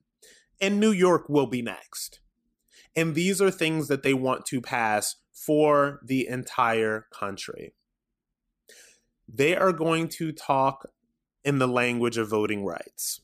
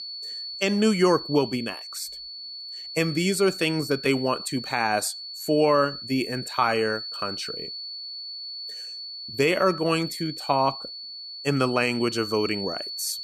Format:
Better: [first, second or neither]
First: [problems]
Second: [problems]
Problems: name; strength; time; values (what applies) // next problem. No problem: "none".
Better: first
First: none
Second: high-pitched whine; loud; throughout; 4.5 kHz, 9 dB below the speech